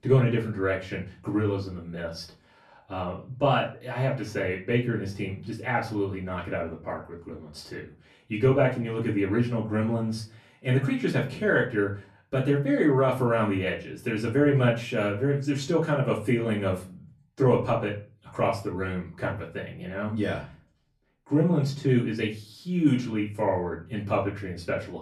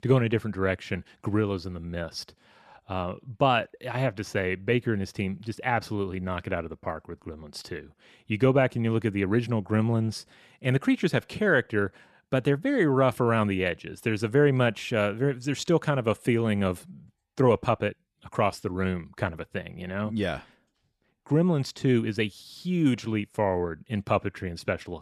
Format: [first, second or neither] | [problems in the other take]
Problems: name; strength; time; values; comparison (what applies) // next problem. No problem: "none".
second | off-mic speech; far // room echo; slight; dies away in 0.3 s